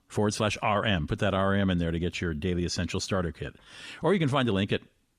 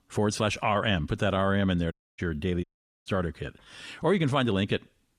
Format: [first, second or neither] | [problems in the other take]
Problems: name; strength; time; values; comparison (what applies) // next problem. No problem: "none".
first | audio cutting out; at 2 s and at 2.5 s